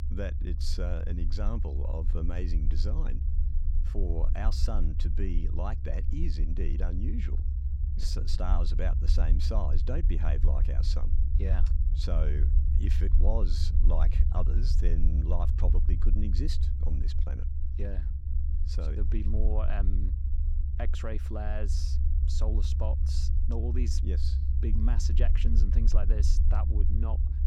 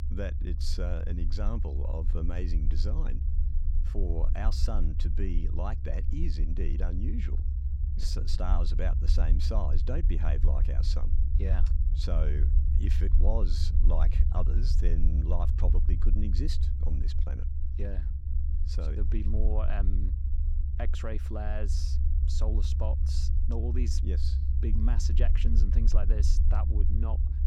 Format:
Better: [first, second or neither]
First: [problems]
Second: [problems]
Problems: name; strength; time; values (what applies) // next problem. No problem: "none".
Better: neither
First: low rumble; loud; throughout; 7 dB below the speech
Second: low rumble; loud; throughout; 7 dB below the speech